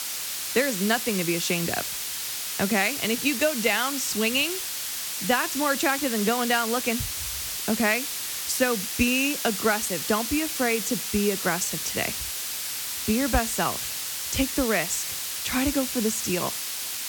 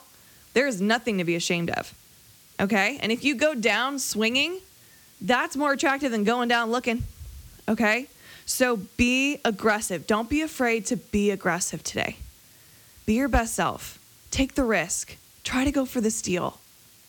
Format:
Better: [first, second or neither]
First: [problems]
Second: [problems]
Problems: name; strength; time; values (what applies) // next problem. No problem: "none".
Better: second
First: hiss; loud; throughout; 2 dB below the speech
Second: hiss; faint; throughout; 25 dB below the speech